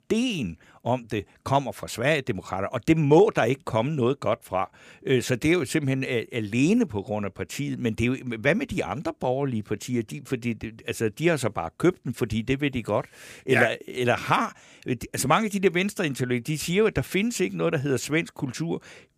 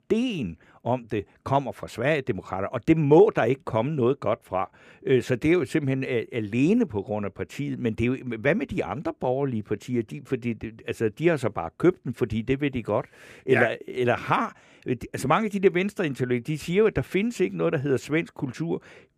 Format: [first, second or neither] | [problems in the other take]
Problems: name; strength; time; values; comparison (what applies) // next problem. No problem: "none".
first | muffled; slightly; fading above 3 kHz